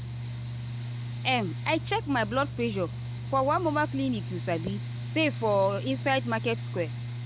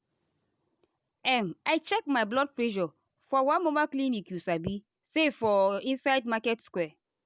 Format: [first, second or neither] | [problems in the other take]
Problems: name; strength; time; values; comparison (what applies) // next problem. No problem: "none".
second | background sound (Mechanical fan); 5 dB below the speech